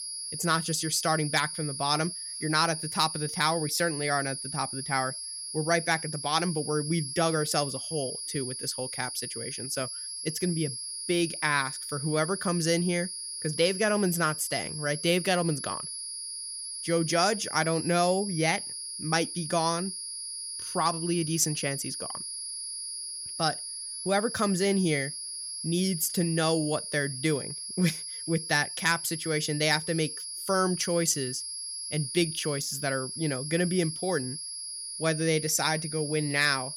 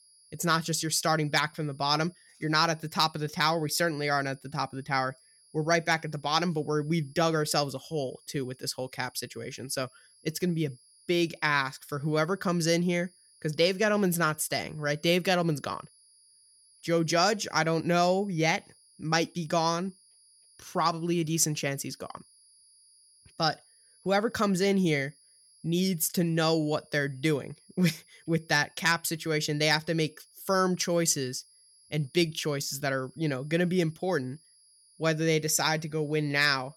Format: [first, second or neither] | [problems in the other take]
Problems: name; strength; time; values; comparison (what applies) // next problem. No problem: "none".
second | high-pitched whine; loud; throughout; 10.5 kHz, 6 dB below the speech; faint in the second